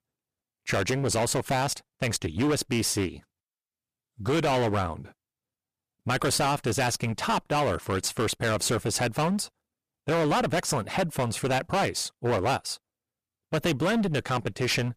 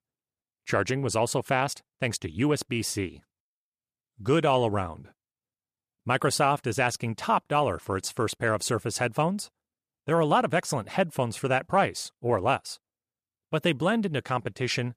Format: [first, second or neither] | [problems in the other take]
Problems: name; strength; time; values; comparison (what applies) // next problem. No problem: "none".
second | distortion; heavy; 15% of the sound clipped